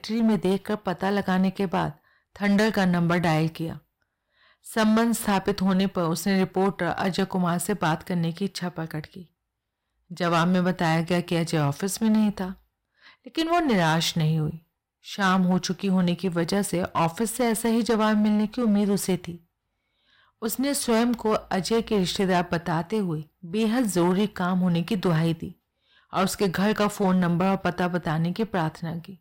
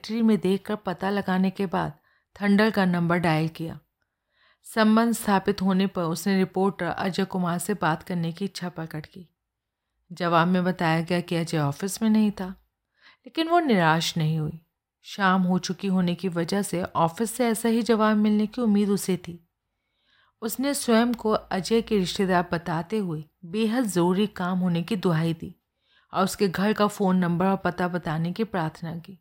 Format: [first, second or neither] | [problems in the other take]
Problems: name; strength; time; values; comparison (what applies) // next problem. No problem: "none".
second | distortion; slight; 10% of the sound clipped